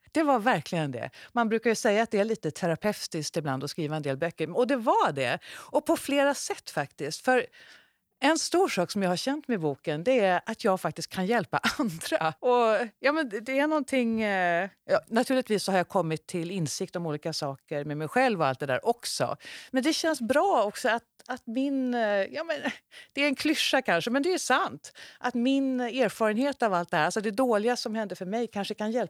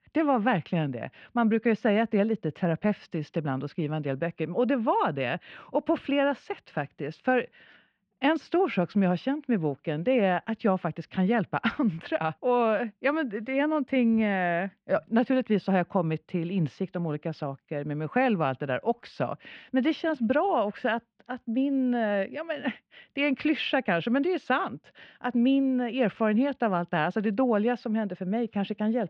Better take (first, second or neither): first